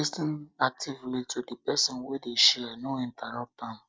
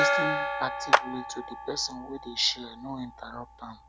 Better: first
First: none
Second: background sound (Gong + Clapping); 4 dB above the speech

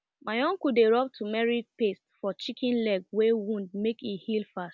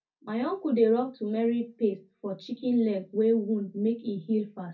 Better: first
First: none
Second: room echo; dies away in 0.3 s

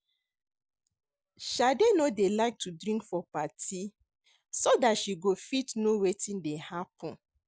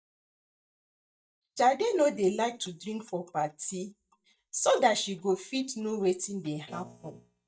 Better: first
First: none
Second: noise reduction (neural mask model DeepFilterNet 3)

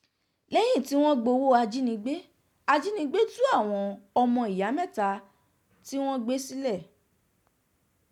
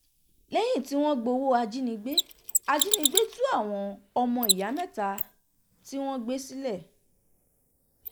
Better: first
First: none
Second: noise reduction (neural mask model Resemble Enhance denoiser)

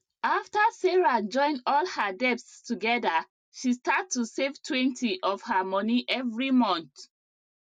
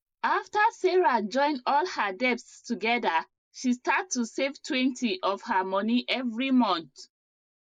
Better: first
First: none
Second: noise reduction (neural mask model Resemble Enhance denoiser)

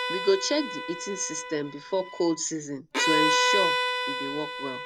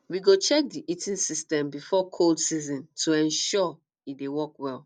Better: second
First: background sound (Bowed string instrument); 1 dB above the speech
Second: none

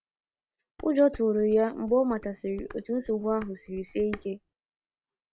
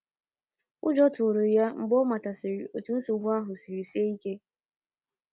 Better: second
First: background sound (Dishes, pots, and pans); 19 dB below the speech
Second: none

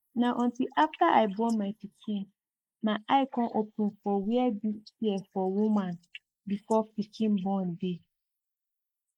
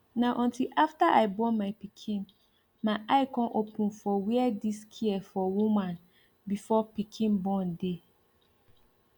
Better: second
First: noise reduction (neural mask model Resemble Enhance denoiser)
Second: none

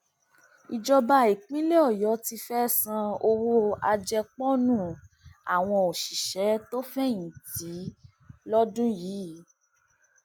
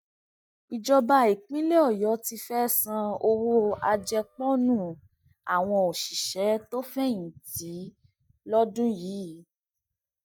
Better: first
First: none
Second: noise reduction (neural mask model DeepFilterNet 3)

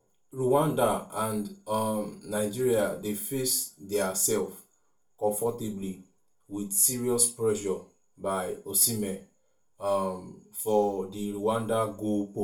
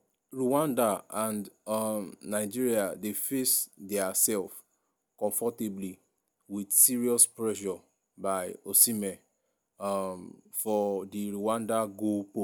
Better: second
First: room echo; dies away in 0.3 s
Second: none

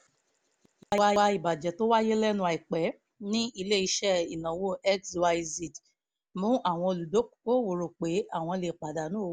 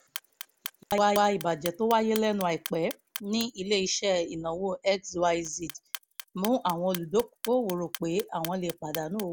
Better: first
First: none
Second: background sound (Clock); 15 dB below the speech

